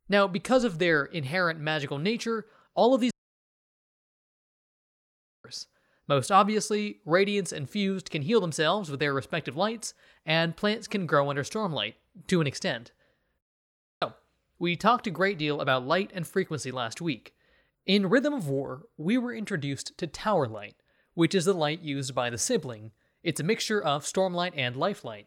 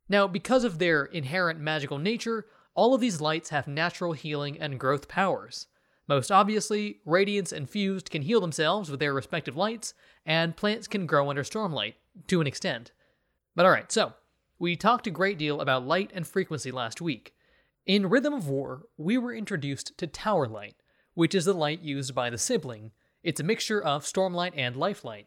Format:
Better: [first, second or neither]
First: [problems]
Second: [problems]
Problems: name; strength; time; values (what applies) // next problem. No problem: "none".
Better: second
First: audio cutting out; at 3 s for 2.5 s and at 13 s for 0.5 s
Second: none